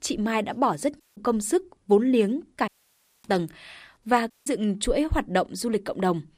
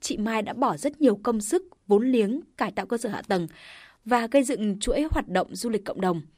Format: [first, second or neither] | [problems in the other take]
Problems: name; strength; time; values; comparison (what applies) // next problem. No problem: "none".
second | audio cutting out; at 1 s, at 2.5 s for 0.5 s and at 4.5 s